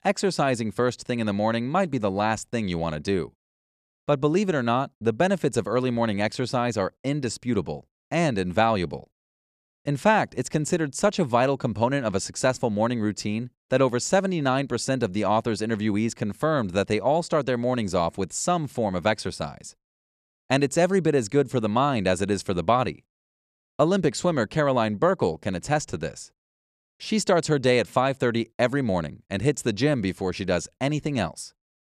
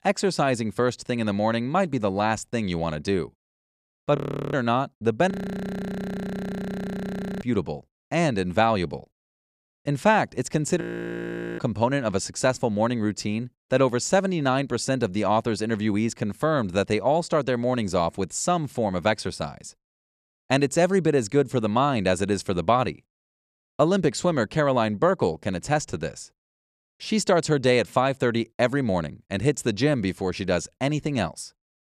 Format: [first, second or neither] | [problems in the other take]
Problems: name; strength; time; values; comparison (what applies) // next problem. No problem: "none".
first | audio freezing; at 4 s, at 5.5 s for 2 s and at 11 s for 1 s